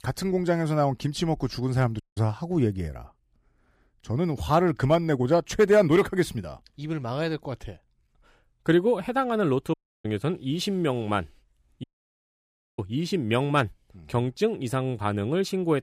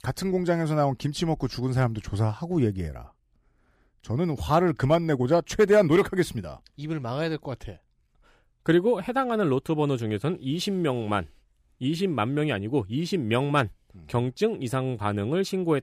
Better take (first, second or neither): second